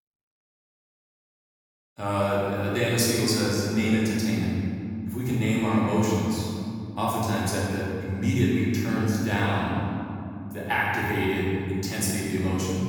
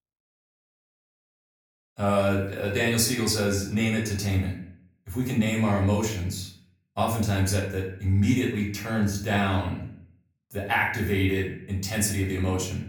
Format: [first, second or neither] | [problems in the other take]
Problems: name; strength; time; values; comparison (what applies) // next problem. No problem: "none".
second | room echo; strong; dies away in 2.5 s; slight in the second // off-mic speech; far; far in the second